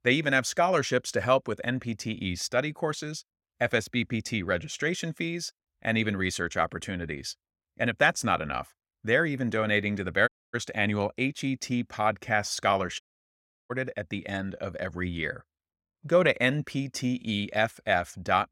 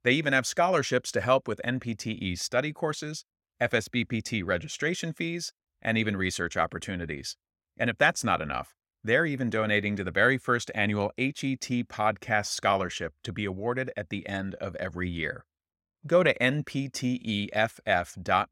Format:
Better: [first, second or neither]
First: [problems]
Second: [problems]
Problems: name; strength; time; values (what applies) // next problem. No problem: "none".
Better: second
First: audio cutting out; at 10 s and at 13 s for 0.5 s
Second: none